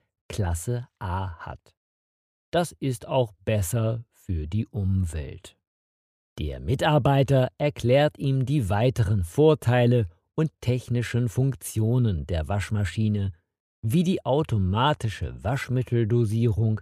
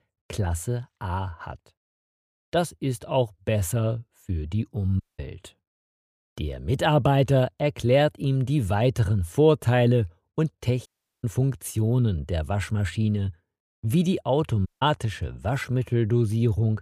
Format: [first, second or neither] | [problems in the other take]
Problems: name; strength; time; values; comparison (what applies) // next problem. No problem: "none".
first | audio cutting out; at 5 s, at 11 s and at 15 s